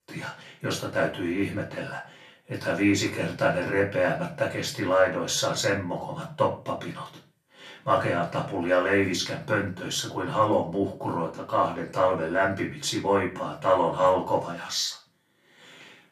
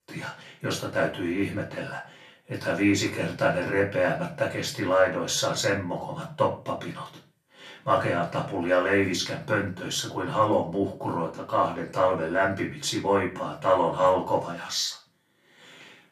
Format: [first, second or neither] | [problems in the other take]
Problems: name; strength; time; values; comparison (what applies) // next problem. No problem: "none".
neither | off-mic speech; far; the same in both // room echo; slight; dies away in 0.3 s; the same in both